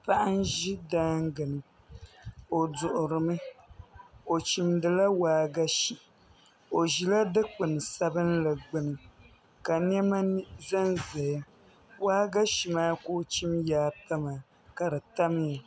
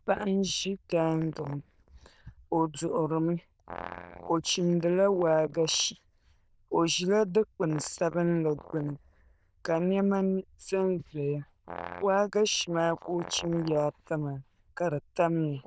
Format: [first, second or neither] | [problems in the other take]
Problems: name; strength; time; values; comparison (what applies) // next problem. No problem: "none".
first | noise reduction (neural diffusion model UNIVERSE++)